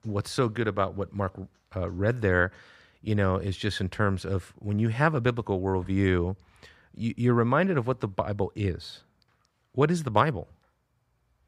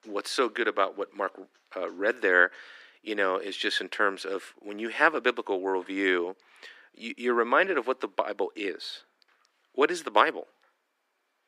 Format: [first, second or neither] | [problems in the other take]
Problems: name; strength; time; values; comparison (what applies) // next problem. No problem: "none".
first | thin; very; fading below 300 Hz